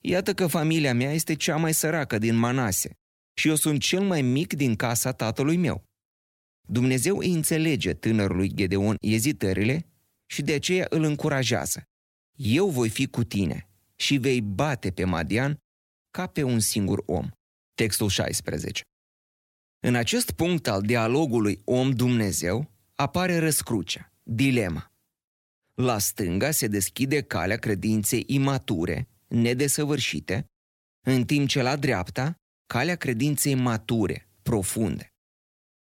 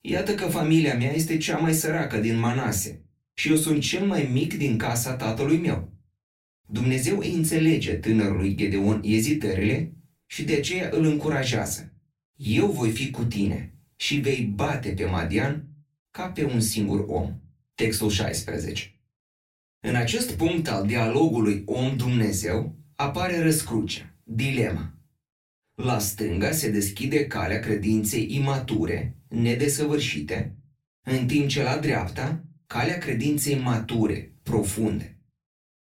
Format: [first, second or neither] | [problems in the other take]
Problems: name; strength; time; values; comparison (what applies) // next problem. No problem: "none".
first | off-mic speech; far // room echo; very slight; dies away in 0.2 s